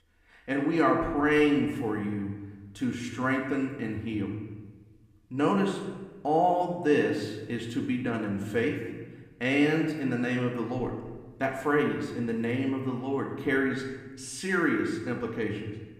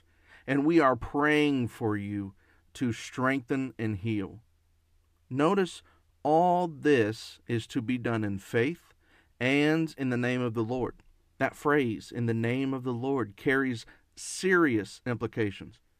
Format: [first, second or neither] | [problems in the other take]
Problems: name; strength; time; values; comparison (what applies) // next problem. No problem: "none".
second | room echo; noticeable; dies away in 1.1 s // off-mic speech; somewhat distant